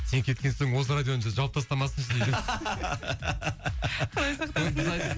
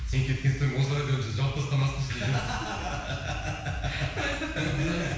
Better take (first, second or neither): first